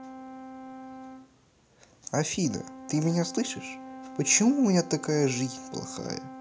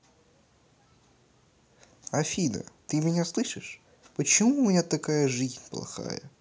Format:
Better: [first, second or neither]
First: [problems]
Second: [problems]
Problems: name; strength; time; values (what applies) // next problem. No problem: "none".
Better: second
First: background sound (Brass instrument); 14 dB below the speech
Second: none